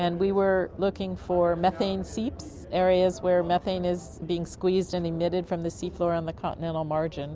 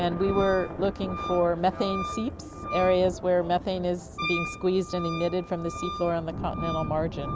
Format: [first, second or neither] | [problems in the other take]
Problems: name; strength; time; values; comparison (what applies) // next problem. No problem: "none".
first | background sound (Thunder / Rain + Wind instrument, woodwind instrument); 8 dB below the speech